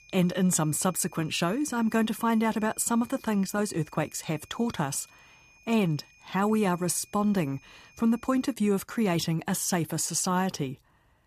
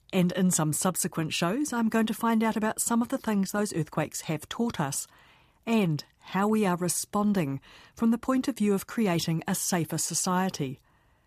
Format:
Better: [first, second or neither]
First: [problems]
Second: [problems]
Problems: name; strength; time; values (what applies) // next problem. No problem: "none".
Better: second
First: high-pitched whine; faint; until 8.5 s; 2.5 kHz, 30 dB below the speech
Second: none